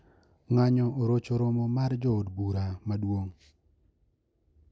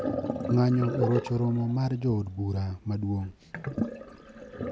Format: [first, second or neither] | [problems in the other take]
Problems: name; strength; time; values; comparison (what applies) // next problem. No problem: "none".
first | background sound (Sink (filling or washing)); 6 dB below the speech